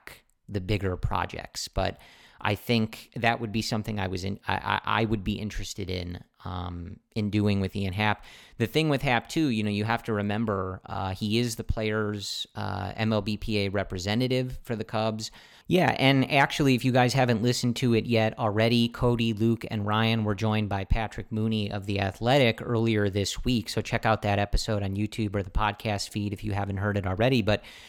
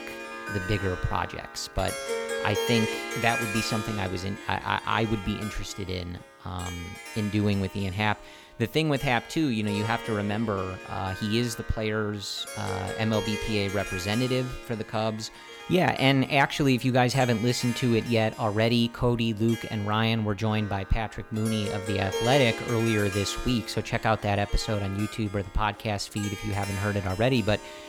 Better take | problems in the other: first | background music; loud; throughout; 9 dB below the speech

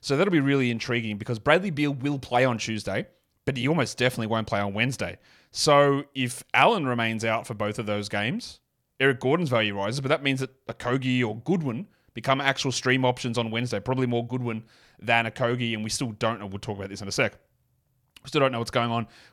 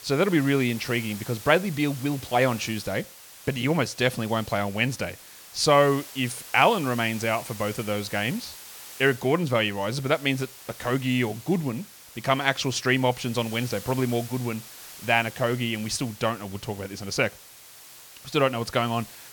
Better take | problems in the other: first | hiss; noticeable; throughout; 15 dB below the speech

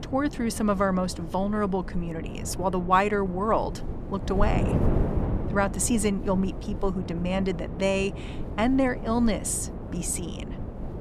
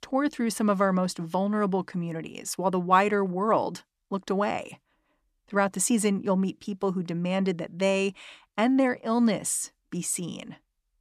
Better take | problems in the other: second | wind noise on the microphone; occasional gusts; 10 dB below the speech

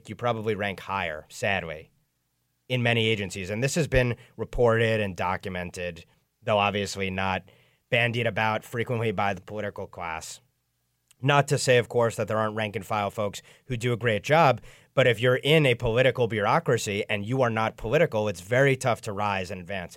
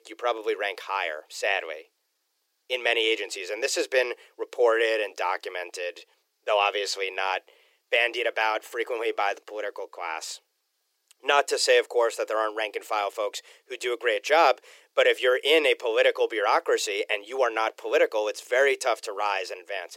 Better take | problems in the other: first | thin; very; fading below 350 Hz

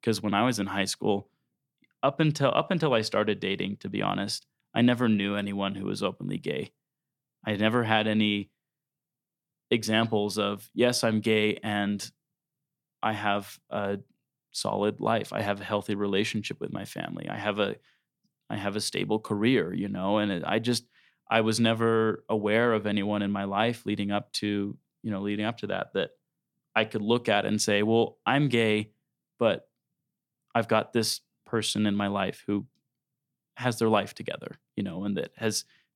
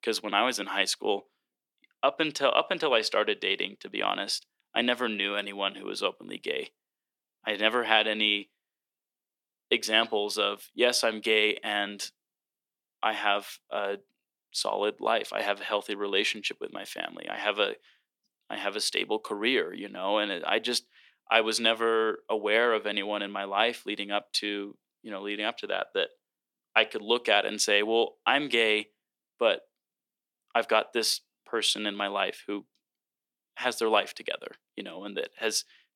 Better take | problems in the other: first | thin; somewhat; fading below 350 Hz

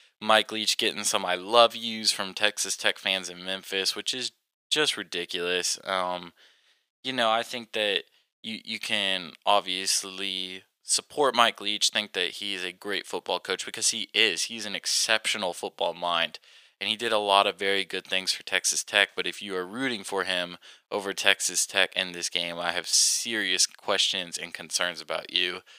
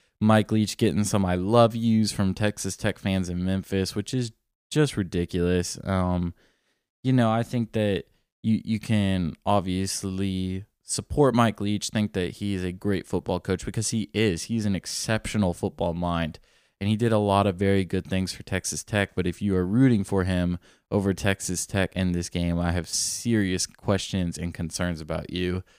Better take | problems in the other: second | thin; very; fading below 650 Hz

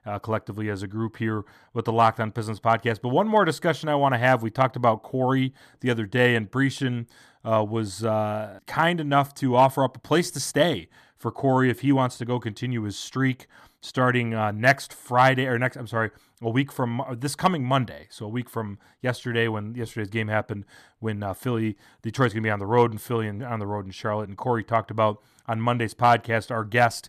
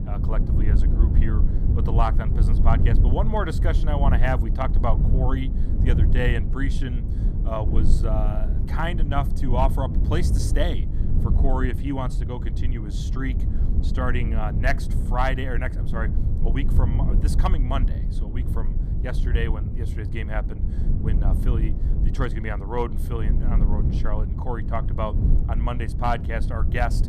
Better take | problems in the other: first | low rumble; loud; throughout; 8 dB below the speech

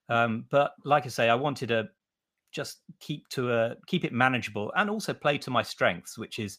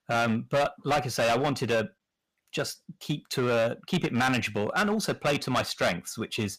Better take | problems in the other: first | distortion; heavy; 12% of the sound clipped

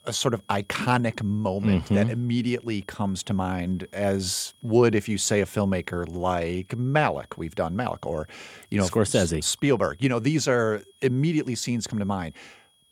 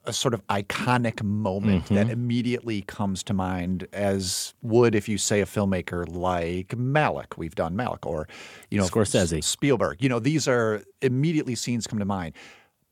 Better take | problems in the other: second | high-pitched whine; faint; throughout; 3.5 kHz, 35 dB below the speech

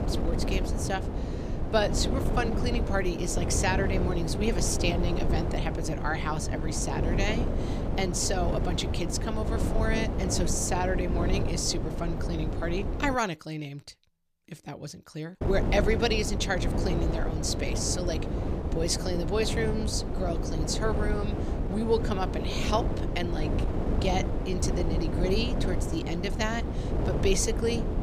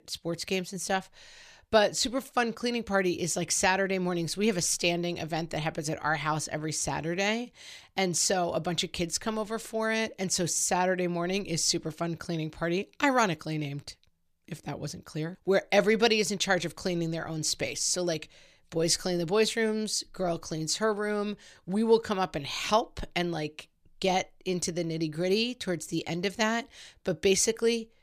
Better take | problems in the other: second | wind noise on the microphone; heavy; until 13 s and from 15 s on; 5 dB below the speech

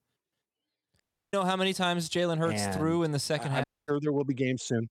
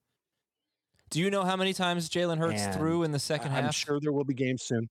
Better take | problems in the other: second | audio cutting out; at 1 s and at 3.5 s

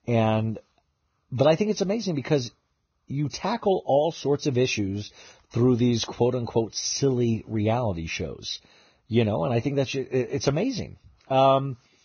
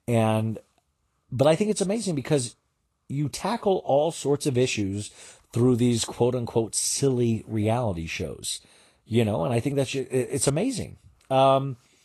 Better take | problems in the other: second | garbled, watery; badly; nothing above 6.5 kHz; slightly in the second

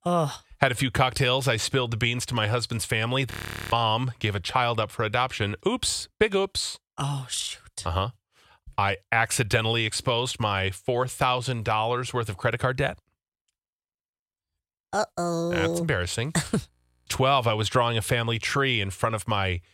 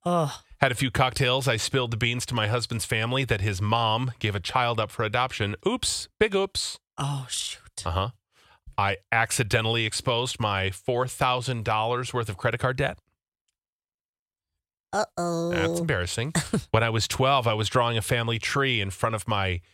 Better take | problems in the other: second | audio freezing; at 3.5 s and at 17 s

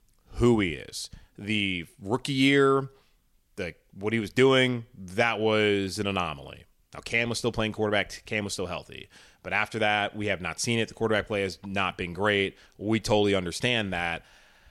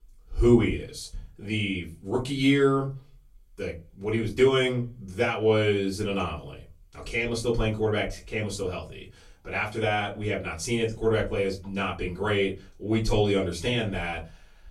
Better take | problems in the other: first | off-mic speech; far // room echo; very slight; dies away in 0.3 s

